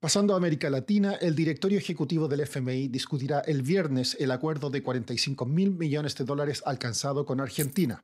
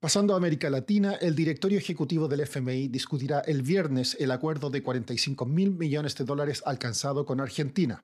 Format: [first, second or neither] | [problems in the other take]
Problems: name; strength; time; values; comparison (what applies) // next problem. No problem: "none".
second | jangling keys; noticeable; at 7.5 s; peak 9 dB below the speech